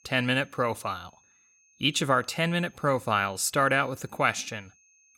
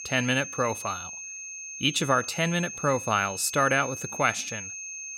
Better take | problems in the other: first | high-pitched whine; loud; throughout; 6.5 kHz, 9 dB below the speech; faint in the first

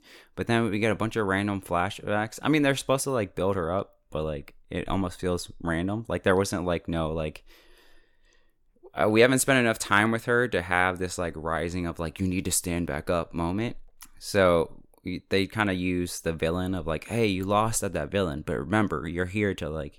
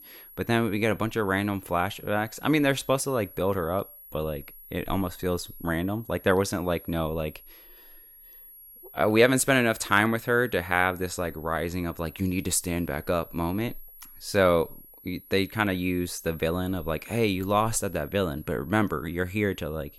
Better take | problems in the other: first | high-pitched whine; noticeable; throughout; 11.5 kHz, 20 dB below the speech

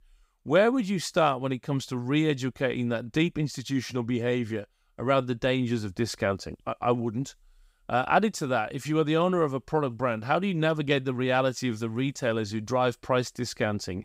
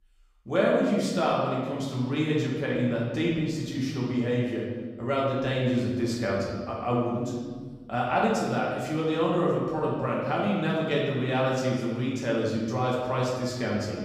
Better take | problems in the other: first | room echo; noticeable; dies away in 1.4 s // off-mic speech; far

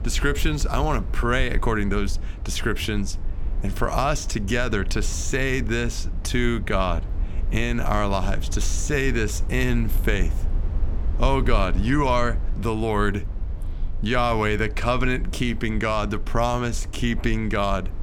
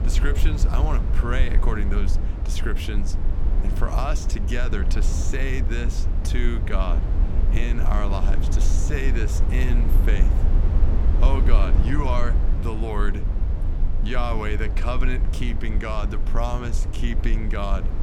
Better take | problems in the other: first | low rumble; loud; throughout; 7 dB below the speech; faint in the first

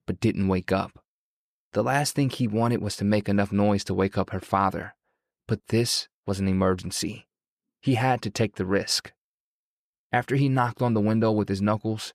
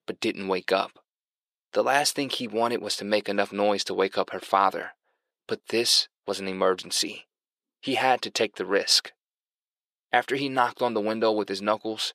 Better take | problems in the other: first | thin; somewhat; fading below 450 Hz

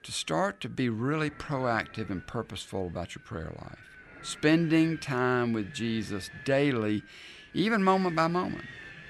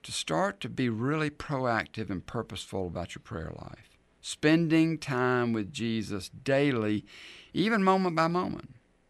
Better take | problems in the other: second | wind noise on the microphone; occasional gusts; 15 dB below the speech

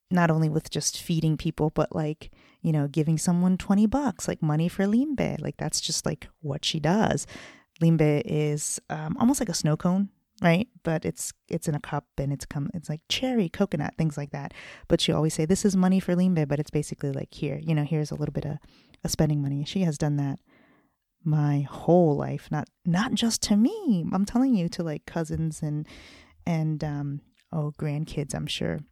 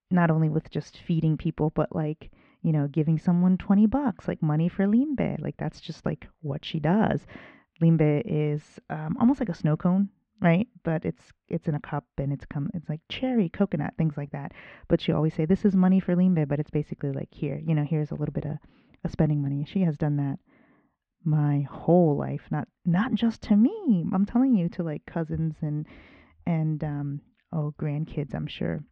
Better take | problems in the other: first | muffled; very; fading above 2.5 kHz

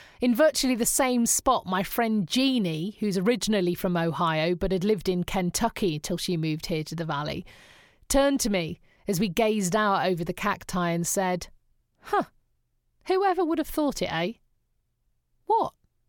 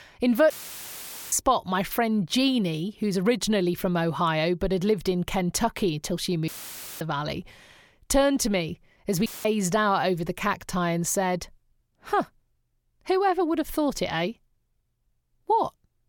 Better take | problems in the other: first | audio cutting out; filled with static; at 0.5 s for 1 s, at 6.5 s for 0.5 s and at 9.5 s

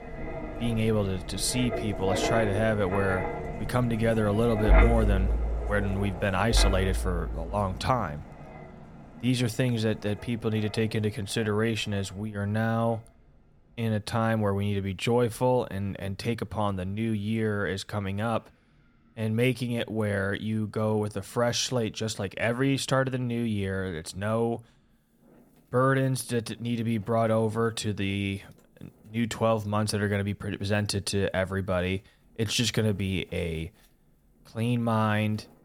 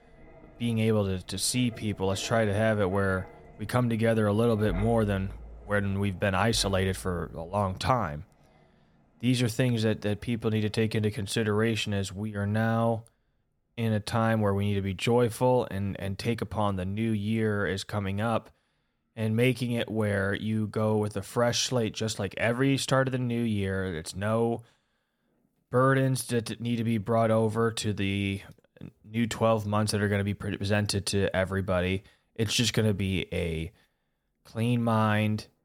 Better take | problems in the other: second | wind in the background; loud; throughout; 4 dB below the speech; faint in the second

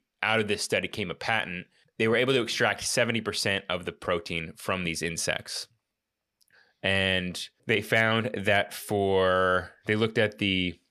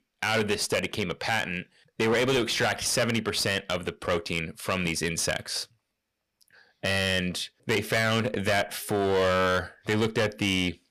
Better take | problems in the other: first | distortion; heavy; 12% of the sound clipped

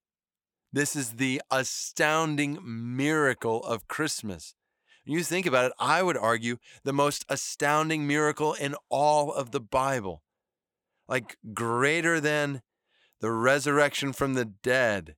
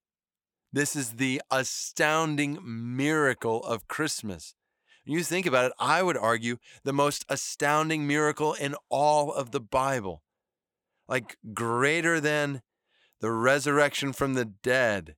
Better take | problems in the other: neither | none

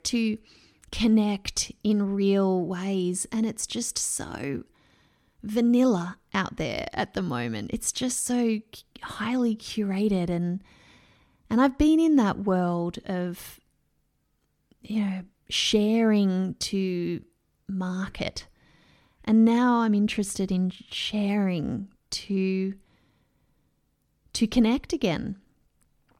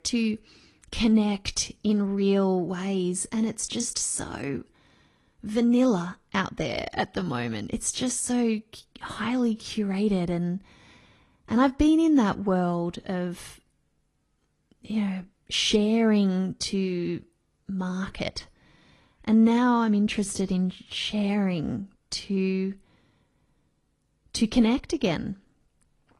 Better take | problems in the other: first | garbled, watery; slightly

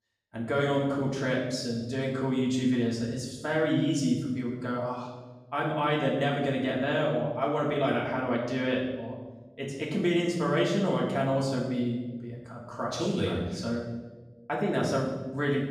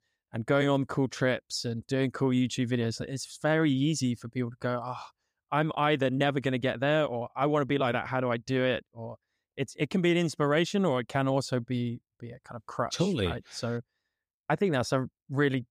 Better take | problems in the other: second | room echo; noticeable; dies away in 1 s // off-mic speech; far

